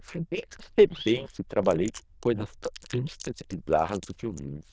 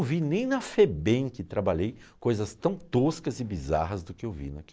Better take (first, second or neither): second